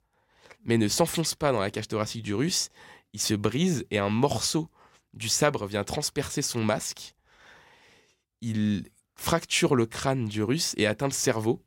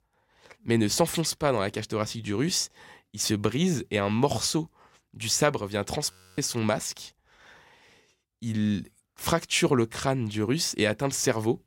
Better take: first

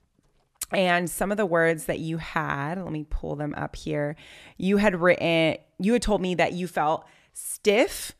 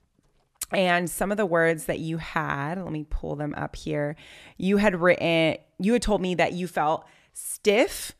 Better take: neither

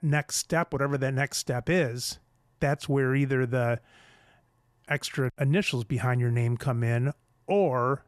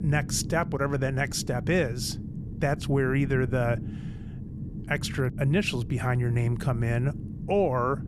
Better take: first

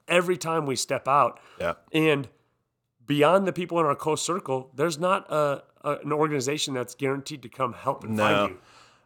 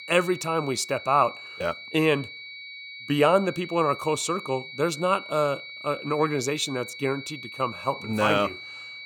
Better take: first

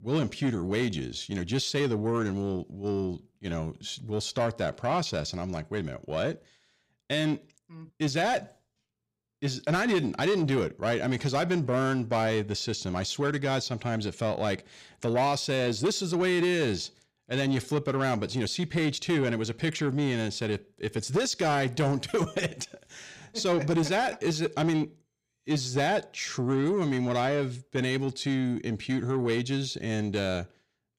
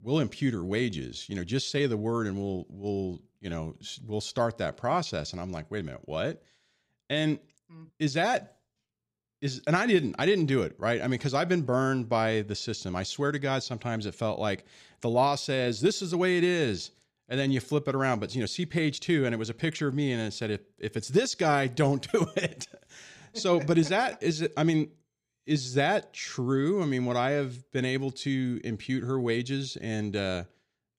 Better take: second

